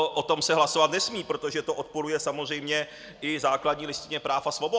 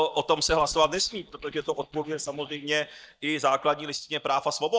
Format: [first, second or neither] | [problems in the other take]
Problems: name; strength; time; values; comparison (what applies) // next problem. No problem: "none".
first | noise reduction (neural mask model DeepFilterNet 3)